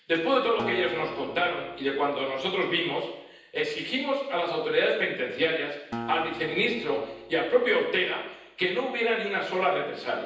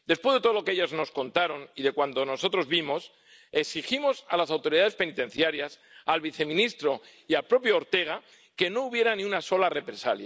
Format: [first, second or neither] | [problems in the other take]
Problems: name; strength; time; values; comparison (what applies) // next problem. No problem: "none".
second | background sound (Acoustic guitar); 14 dB below the speech // room echo; dies away in 0.9 s